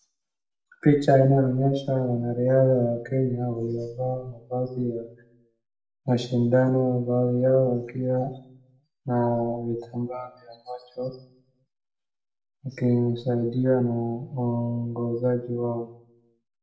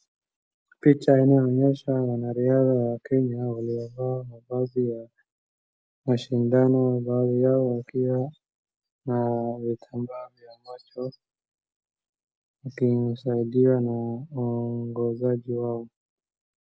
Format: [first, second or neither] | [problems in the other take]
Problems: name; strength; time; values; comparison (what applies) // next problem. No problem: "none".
second | room echo; dies away in 0.5 s